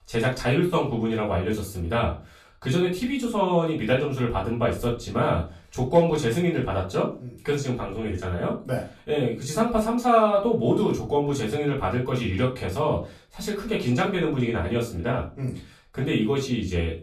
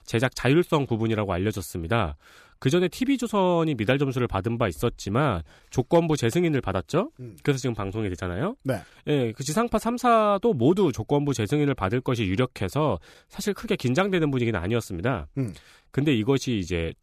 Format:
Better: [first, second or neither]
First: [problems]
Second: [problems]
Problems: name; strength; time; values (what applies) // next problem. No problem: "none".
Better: second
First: off-mic speech; far // room echo; slight; dies away in 0.3 s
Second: none